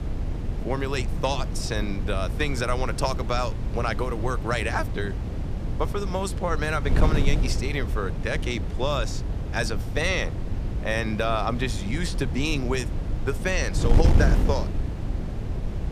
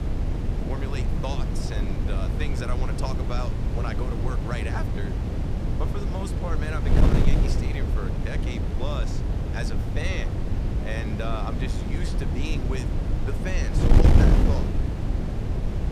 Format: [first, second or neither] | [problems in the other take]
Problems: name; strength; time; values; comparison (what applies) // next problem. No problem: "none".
first | wind noise on the microphone; heavy; as loud as the speech; occasional gusts in the first